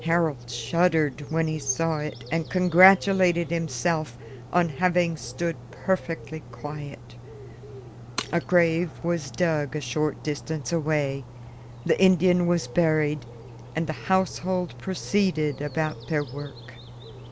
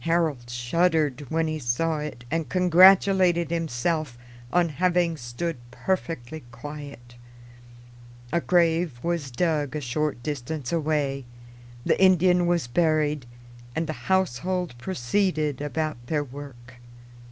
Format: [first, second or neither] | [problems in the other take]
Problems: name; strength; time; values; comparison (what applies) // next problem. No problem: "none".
second | background sound (Bird + Shatter); 19 dB below the speech